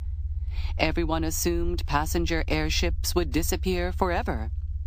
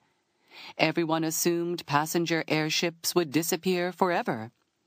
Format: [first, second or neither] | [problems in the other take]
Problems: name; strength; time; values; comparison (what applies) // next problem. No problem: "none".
second | low rumble; faint; throughout; 25 dB below the speech